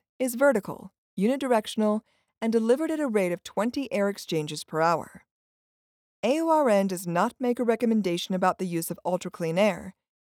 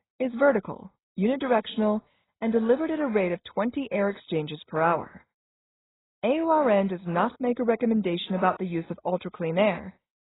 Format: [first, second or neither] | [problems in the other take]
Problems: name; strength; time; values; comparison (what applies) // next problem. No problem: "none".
first | garbled, watery; badly; nothing above 4 kHz